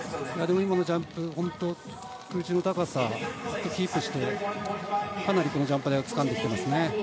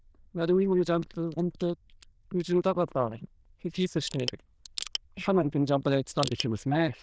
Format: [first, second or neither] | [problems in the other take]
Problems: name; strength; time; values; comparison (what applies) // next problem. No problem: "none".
first | noise reduction (neural diffusion model UNIVERSE++)